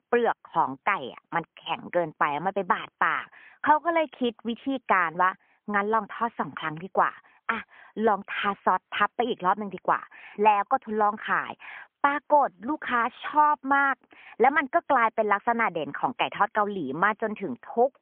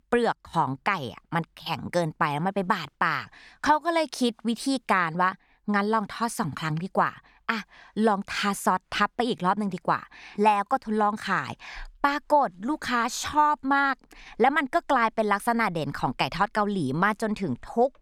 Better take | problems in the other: second | phone-call audio; poor line; nothing above 3.5 kHz

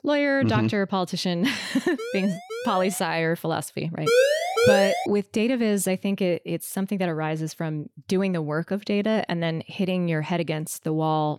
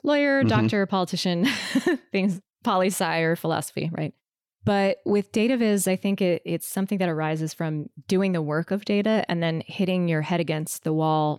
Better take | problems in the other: second | siren; noticeable; from 2 to 3 s; peak 8 dB below the speech // siren; loud; from 4 to 5 s; peak 6 dB above the speech

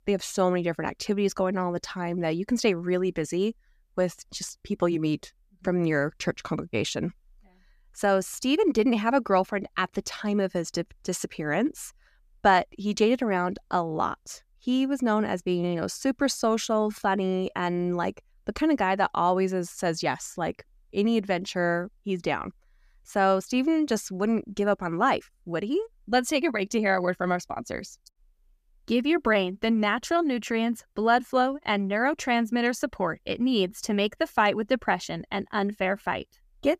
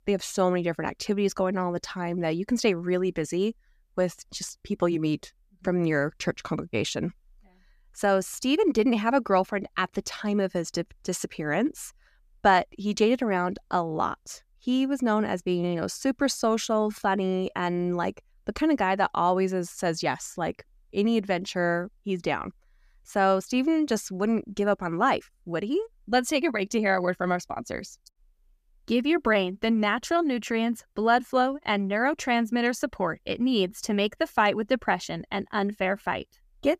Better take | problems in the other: neither | none

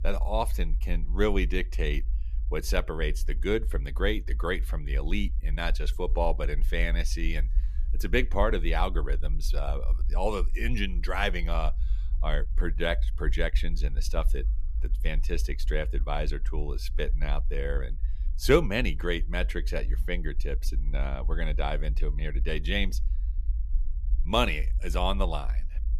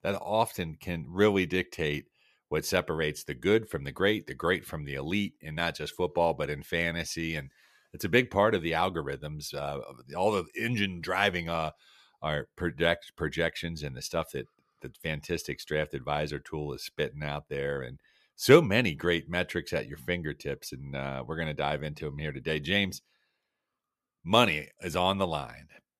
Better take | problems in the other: second | low rumble; faint; throughout; 25 dB below the speech

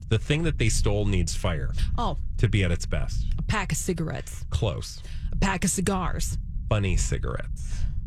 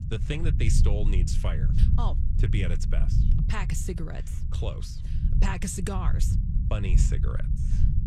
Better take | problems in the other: first | low rumble; loud; throughout; 6 dB below the speech; faint in the first

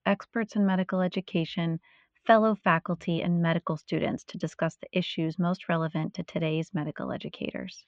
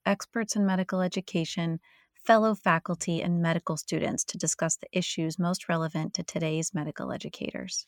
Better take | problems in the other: second | muffled; very; fading above 3.5 kHz

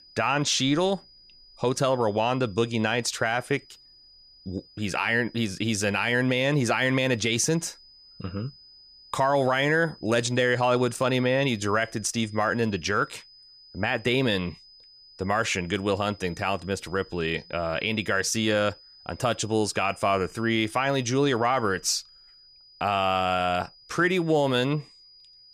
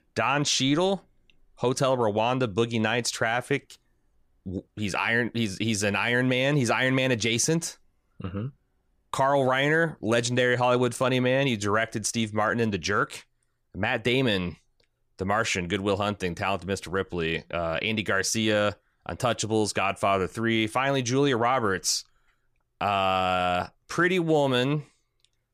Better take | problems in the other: second | high-pitched whine; faint; throughout; 5 kHz, 25 dB below the speech

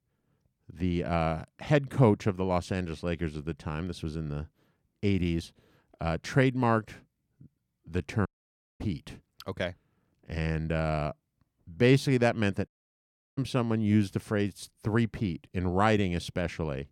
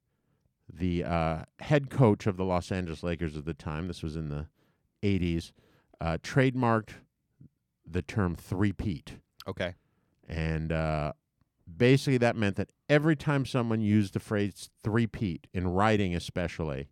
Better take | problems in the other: second | audio cutting out; at 8.5 s for 0.5 s and at 13 s for 0.5 s

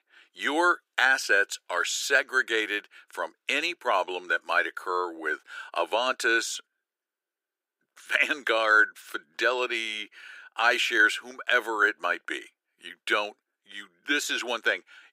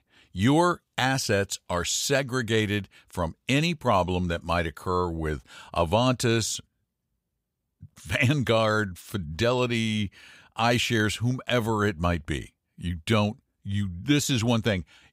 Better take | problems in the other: second | thin; very; fading below 350 Hz

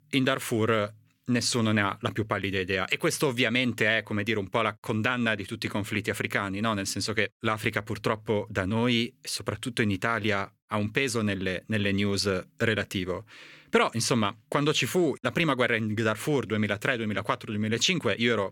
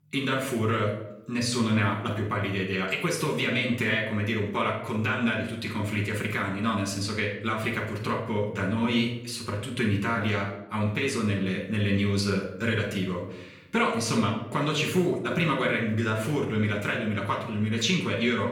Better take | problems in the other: first | off-mic speech; far // room echo; noticeable; dies away in 0.7 s

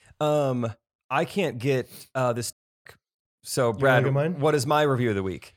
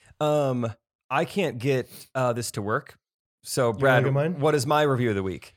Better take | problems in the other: second | audio cutting out; at 2.5 s

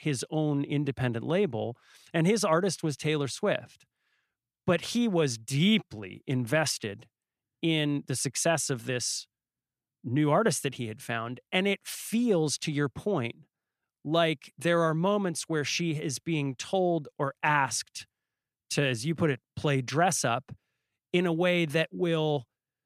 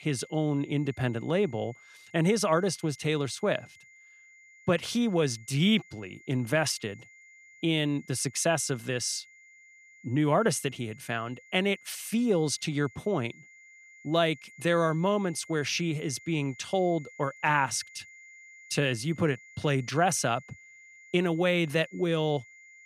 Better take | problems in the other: first | high-pitched whine; faint; throughout; 2 kHz, 25 dB below the speech

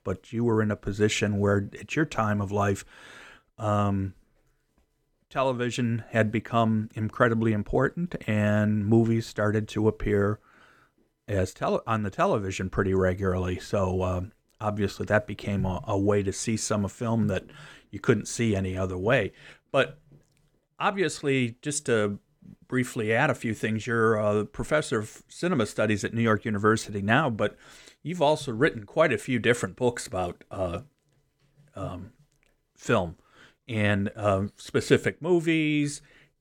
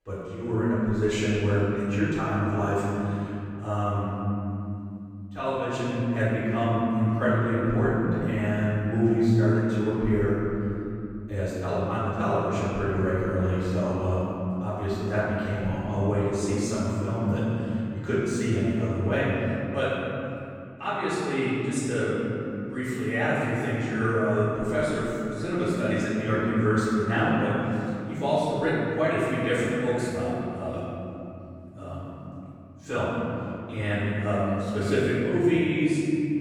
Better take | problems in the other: first | off-mic speech; far // room echo; strong; dies away in 3 s

